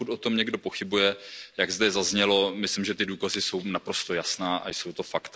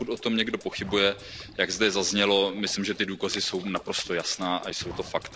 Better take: first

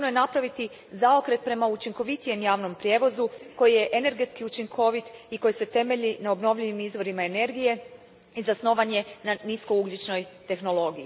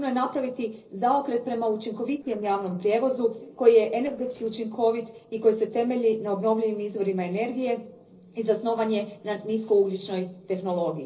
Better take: first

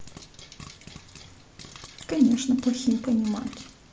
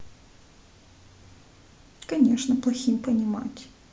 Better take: second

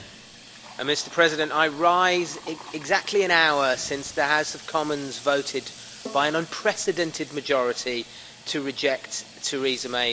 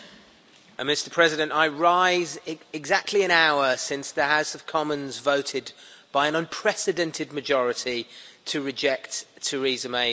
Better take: second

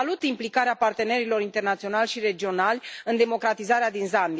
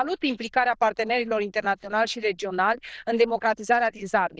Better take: first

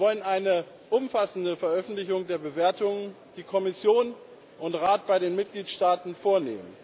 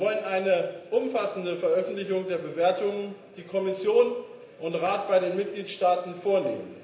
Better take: first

